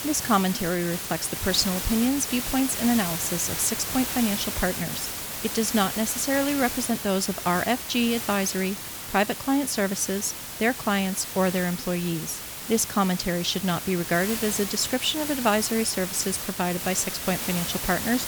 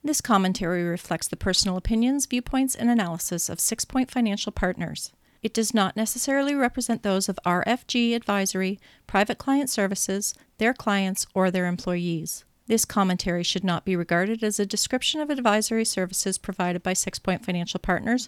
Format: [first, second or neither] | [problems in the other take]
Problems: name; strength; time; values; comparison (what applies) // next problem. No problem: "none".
second | hiss; loud; throughout; 5 dB below the speech